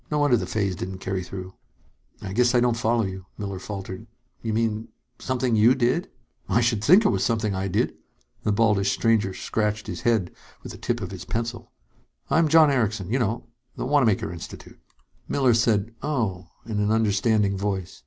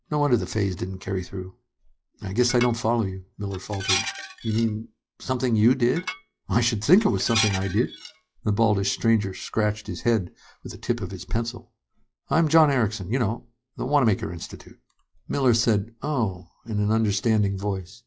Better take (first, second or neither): first